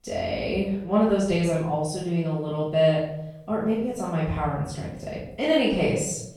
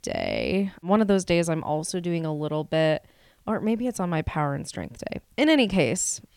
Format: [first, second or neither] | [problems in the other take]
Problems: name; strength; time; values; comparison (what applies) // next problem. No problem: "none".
second | room echo; noticeable; dies away in 0.7 s // off-mic speech; far